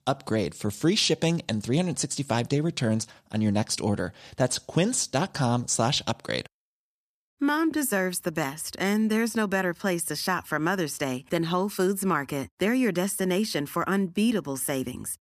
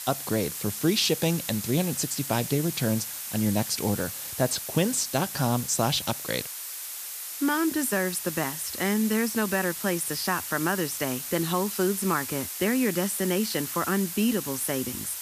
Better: first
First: none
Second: hiss; loud; throughout; 6 dB below the speech

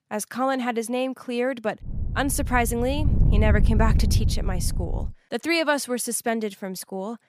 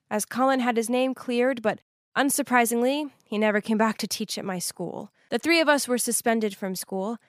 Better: second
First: wind noise on the microphone; occasional gusts; from 2 to 5 s; 15 dB below the speech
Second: none

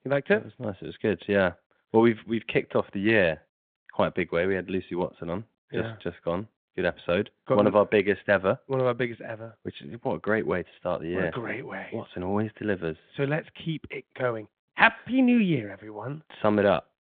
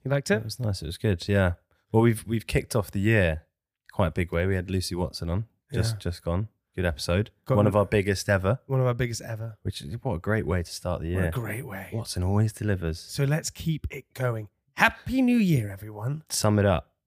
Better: second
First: phone-call audio; nothing above 3.5 kHz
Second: none

